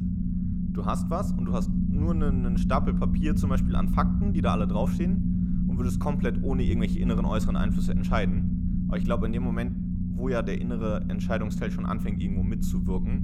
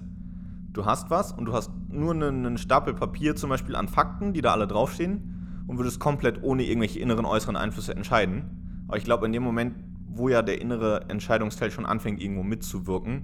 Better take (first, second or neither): second